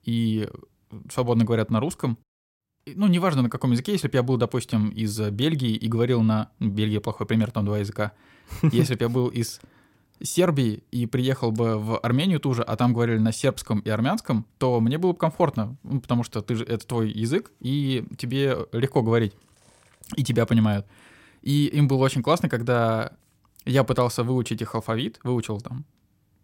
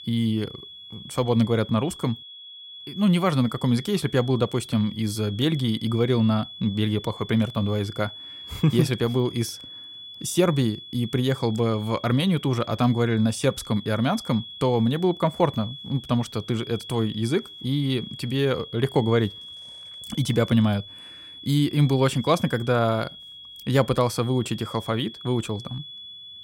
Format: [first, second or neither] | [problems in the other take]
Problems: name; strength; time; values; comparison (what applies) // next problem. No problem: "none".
first | high-pitched whine; noticeable; throughout; 3.5 kHz, 15 dB below the speech